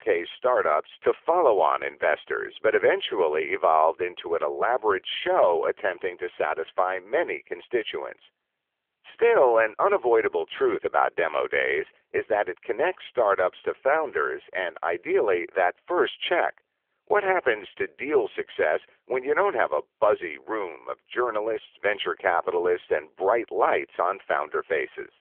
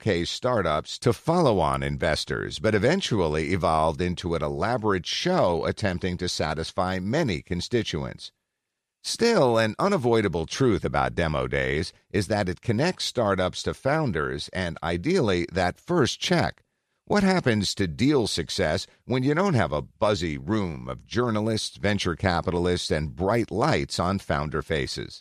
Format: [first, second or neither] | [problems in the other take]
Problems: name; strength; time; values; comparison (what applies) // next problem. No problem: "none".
second | phone-call audio; nothing above 3.5 kHz